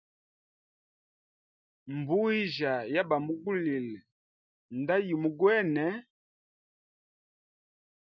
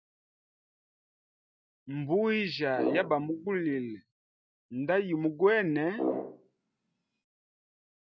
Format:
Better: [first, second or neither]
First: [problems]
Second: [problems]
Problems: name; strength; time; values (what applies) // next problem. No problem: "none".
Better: first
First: none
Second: background sound (Brass instrument); 4 dB below the speech